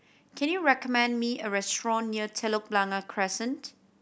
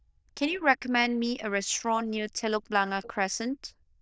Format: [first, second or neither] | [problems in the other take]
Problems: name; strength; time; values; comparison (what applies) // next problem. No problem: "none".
first | noise reduction (neural diffusion model UNIVERSE++)